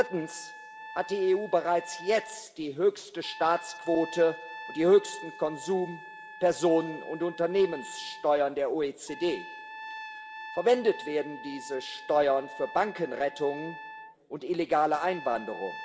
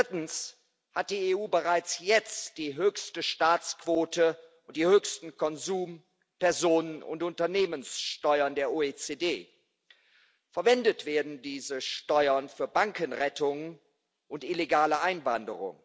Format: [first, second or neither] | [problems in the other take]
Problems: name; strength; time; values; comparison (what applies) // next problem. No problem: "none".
second | background sound (Trumpet); 15 dB below the speech // room echo; dies away in 2 s